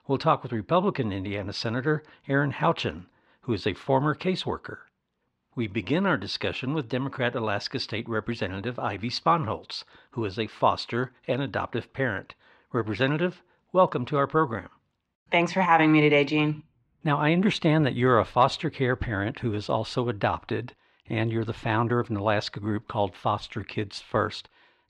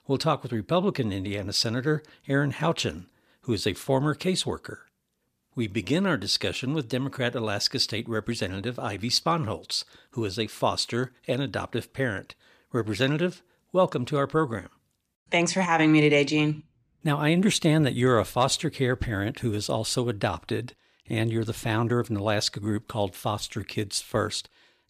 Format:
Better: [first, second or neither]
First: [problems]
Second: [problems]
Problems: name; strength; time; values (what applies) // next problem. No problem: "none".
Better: second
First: muffled; slightly; fading above 3 kHz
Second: none